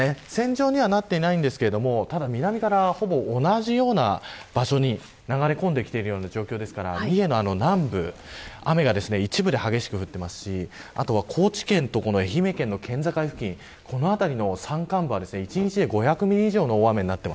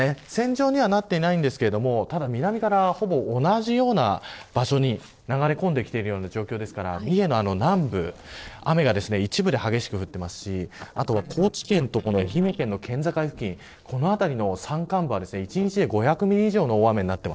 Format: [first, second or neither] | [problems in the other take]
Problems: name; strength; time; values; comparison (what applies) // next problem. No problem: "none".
first | noise reduction (neural separator model SepFormer DNS4)